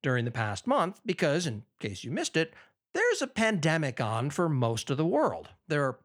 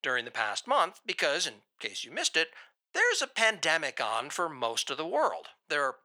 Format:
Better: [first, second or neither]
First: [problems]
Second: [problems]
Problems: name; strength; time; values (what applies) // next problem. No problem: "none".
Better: first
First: none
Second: thin; very; fading below 700 Hz